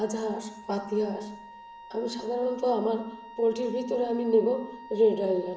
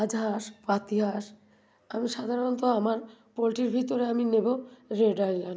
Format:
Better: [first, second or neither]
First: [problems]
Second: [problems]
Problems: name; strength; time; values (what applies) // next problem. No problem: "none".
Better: second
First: background sound (Wind instrument, woodwind instrument); 18 dB below the speech // room echo; dies away in 0.8 s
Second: none